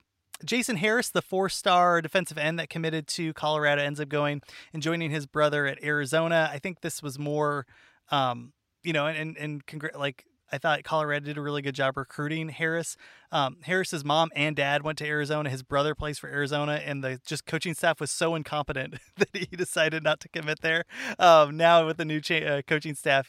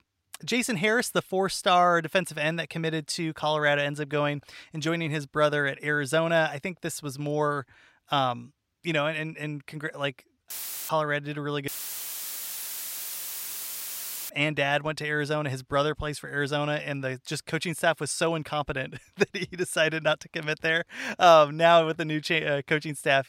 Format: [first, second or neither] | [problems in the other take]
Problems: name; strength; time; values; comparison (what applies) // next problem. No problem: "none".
first | audio cutting out; filled with static; at 11 s and at 12 s for 2.5 s